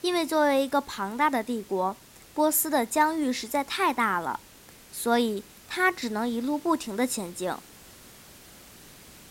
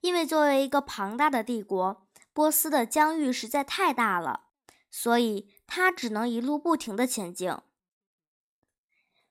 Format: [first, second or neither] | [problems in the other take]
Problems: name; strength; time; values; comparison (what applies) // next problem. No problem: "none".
second | hiss; faint; throughout; 20 dB below the speech